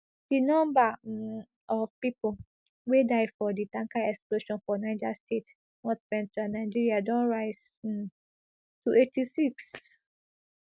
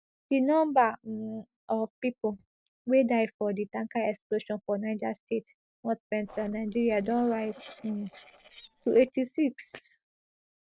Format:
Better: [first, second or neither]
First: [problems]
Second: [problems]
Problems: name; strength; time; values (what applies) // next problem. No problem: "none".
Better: first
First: none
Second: noise reduction (neural separator model SepFormer DNS4)